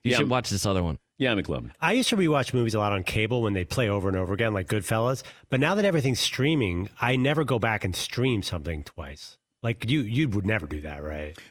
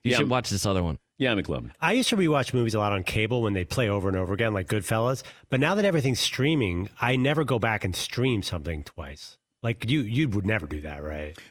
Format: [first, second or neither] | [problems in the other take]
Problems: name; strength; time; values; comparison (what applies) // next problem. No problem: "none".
neither | none